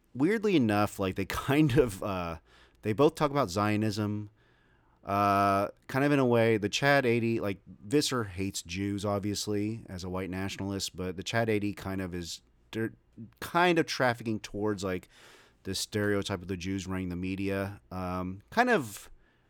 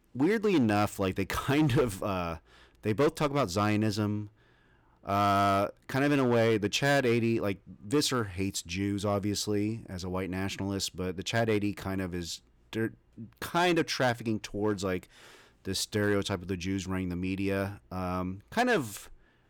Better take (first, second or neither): first